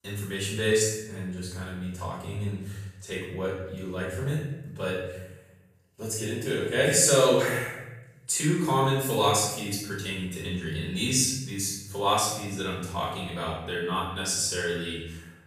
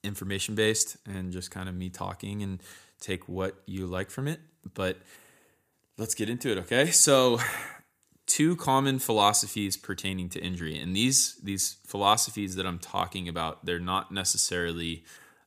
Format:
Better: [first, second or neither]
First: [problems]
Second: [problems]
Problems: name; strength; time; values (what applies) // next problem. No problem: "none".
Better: second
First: off-mic speech; far // room echo; noticeable; dies away in 0.9 s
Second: none